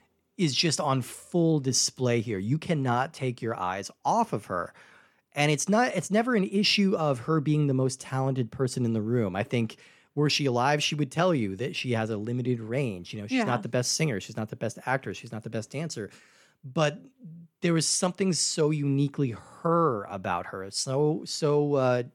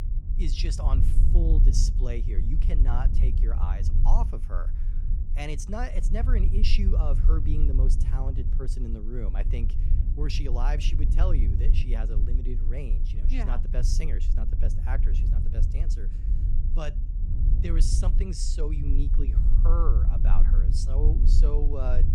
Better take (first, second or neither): first